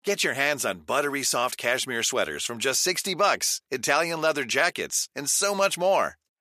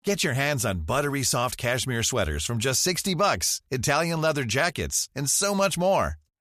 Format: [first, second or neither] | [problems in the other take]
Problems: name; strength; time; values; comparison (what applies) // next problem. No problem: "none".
second | thin; somewhat; fading below 350 Hz